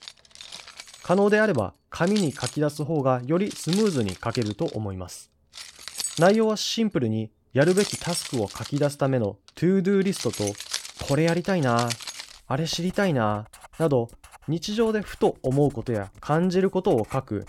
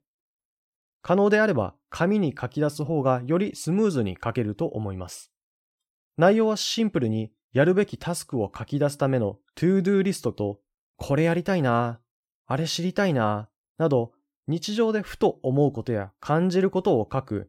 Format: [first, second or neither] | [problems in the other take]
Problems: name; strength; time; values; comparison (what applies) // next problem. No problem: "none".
second | household noises; noticeable; throughout; 10 dB below the speech